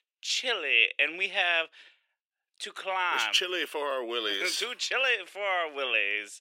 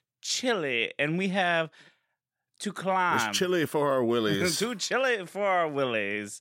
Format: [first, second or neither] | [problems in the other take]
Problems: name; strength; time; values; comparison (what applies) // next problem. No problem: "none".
second | thin; very; fading below 350 Hz